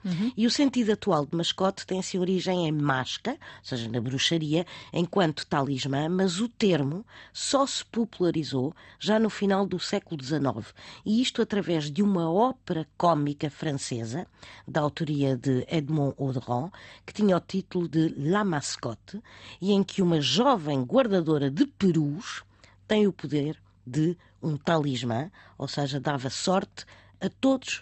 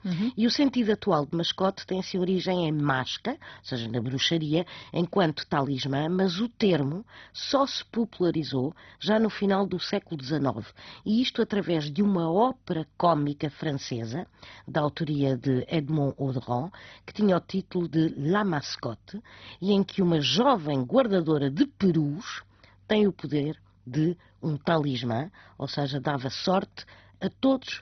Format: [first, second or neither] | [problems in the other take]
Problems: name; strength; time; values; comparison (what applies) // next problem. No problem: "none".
first | garbled, watery; badly; nothing above 6 kHz; slightly in the first